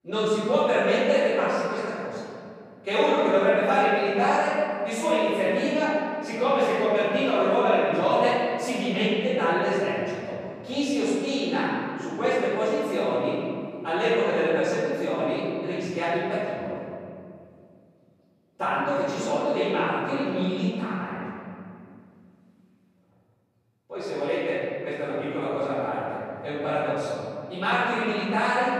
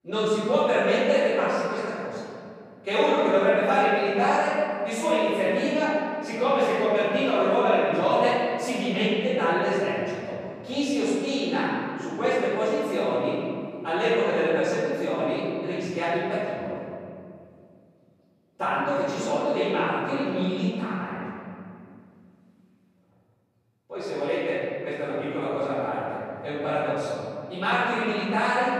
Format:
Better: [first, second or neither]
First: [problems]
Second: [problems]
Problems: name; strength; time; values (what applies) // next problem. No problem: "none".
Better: neither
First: room echo; strong; dies away in 2.5 s // off-mic speech; far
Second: room echo; strong; dies away in 2.5 s // off-mic speech; far